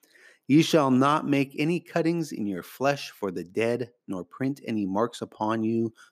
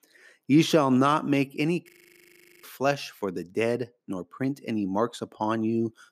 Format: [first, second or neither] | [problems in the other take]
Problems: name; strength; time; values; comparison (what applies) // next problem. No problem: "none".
first | audio freezing; at 2 s for 0.5 s